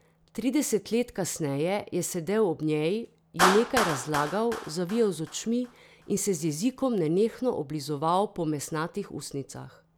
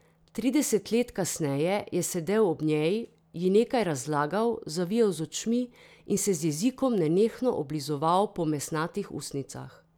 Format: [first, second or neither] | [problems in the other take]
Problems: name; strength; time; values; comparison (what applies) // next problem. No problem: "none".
second | background sound (Clapping); 8 dB below the speech